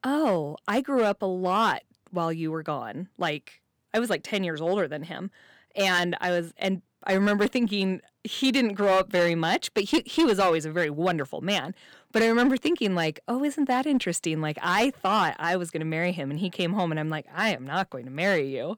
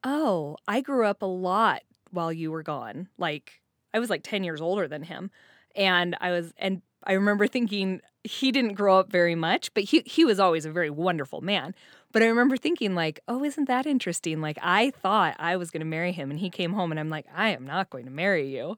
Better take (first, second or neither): second